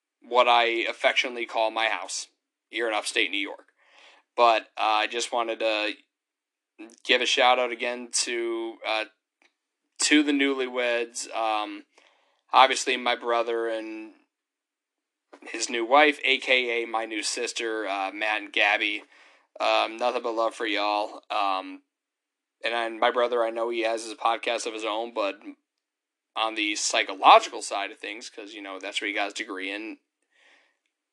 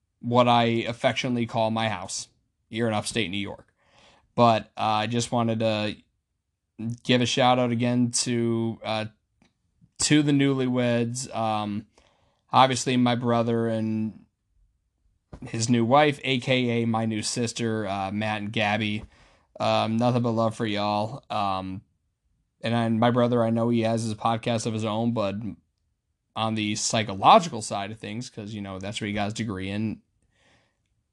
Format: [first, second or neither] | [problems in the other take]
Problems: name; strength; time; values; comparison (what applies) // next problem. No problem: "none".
second | thin; somewhat; fading below 300 Hz